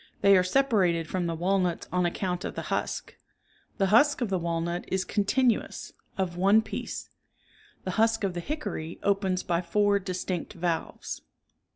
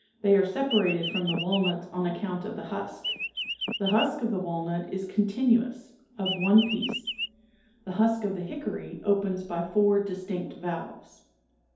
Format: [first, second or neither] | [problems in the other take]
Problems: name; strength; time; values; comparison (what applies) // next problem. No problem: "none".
first | background sound (Chirp, tweet); 5 dB below the speech // room echo; dies away in 2.2 s